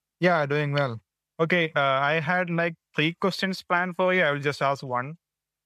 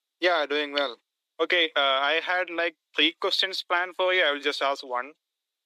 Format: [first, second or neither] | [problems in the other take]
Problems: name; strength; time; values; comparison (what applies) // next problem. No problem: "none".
first | thin; somewhat; fading below 300 Hz